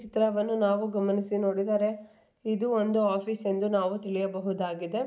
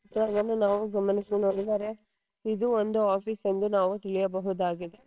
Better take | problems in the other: first | noise reduction (neural separator model SepFormer WHAMR!)

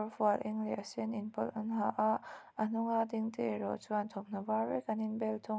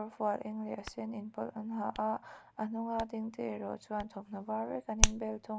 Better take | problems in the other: first | background sound (Hands); 2 dB below the speech

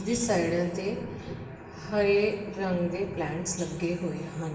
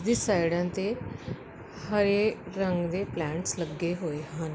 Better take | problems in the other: second | room echo; dies away in 1.2 s

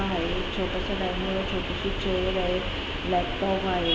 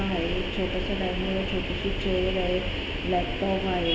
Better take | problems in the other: first | room echo; dies away in 1.8 s

